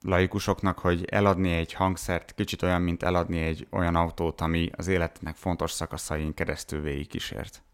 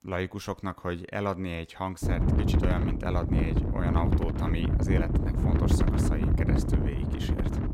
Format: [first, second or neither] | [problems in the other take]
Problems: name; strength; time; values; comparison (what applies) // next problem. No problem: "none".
first | wind noise on the microphone; heavy; from 2 s on; as loud as the speech